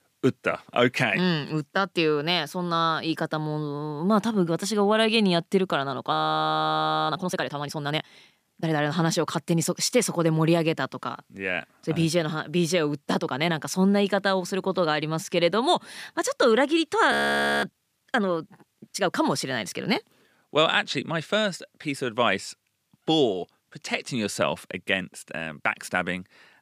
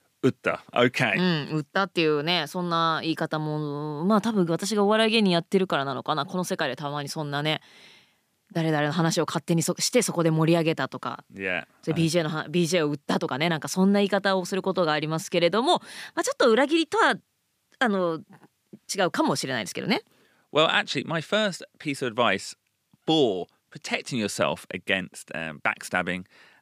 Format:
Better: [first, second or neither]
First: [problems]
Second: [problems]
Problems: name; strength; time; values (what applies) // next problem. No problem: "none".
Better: second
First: audio freezing; at 6 s for 1 s and at 17 s for 0.5 s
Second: none